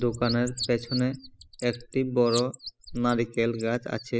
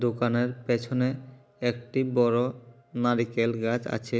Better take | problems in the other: second | noise reduction (classical method spectral subtraction)

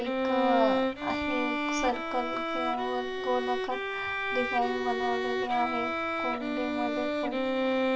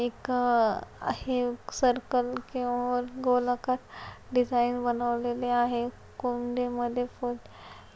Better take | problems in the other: second | background sound (Bowed string instrument); 3 dB above the speech // room echo; dies away in 0.2 s

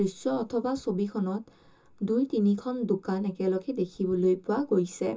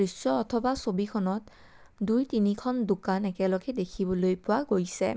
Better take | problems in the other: second | room echo; dies away in 0.2 s

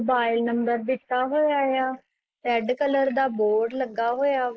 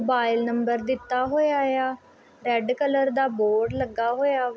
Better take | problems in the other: second | noise reduction (neural mask model Resemble Enhance denoiser)

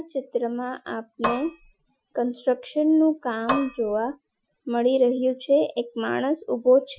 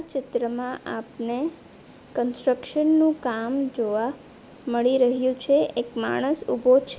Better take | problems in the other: second | noise reduction (classical method Wiener filter)

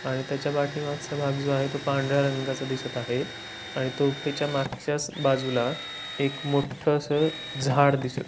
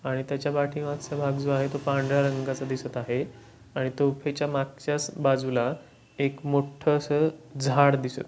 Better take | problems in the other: second | background sound (Drill); 12 dB below the speech

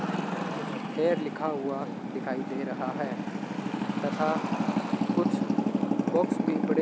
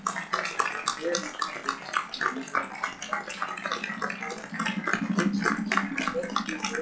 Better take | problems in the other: first | noise reduction (classical method WPE with log-MMSE)

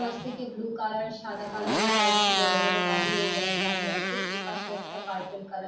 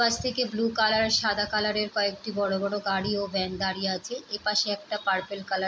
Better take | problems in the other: second | background sound (Motorcycle); 5 dB above the speech // room echo; dies away in 0.6 s

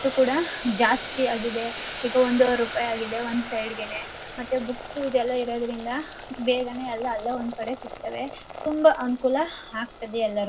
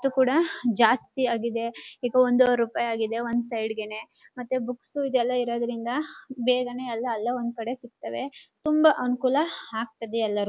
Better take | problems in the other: second | background sound (Boiling); 12 dB below the speech // room echo; dies away in 0.4 s

